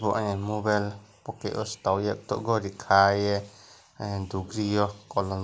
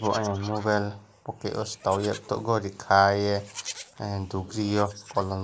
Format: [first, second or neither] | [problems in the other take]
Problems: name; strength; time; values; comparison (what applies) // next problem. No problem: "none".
first | noise reduction (neural mask model Resemble Enhance denoiser)